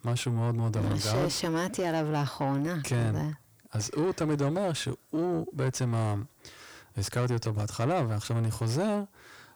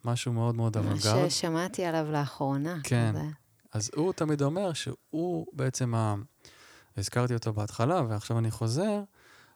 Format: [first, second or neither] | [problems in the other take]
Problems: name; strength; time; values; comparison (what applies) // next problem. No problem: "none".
second | distortion; slight; 10 dB below the speech